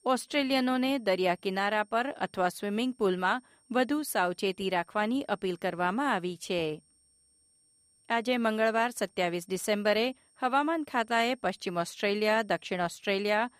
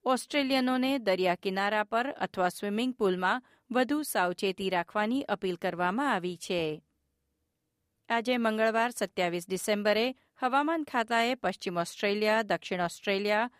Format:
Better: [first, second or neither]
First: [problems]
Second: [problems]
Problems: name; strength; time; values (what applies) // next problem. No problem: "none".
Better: second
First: high-pitched whine; faint; throughout; 8.5 kHz, 35 dB below the speech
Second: none